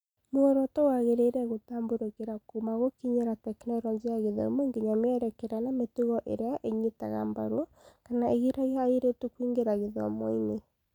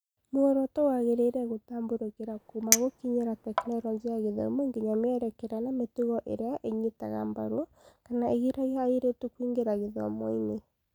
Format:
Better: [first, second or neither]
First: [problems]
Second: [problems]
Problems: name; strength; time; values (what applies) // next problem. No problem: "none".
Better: first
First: none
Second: background sound (Chink, clink); 3 dB below the speech